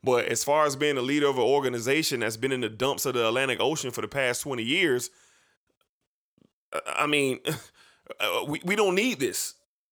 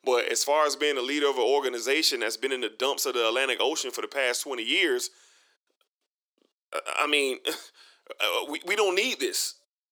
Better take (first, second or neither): first